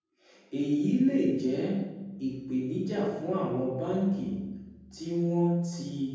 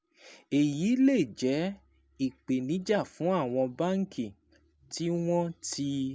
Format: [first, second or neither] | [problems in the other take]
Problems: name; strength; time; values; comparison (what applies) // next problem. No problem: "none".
second | room echo; dies away in 1.3 s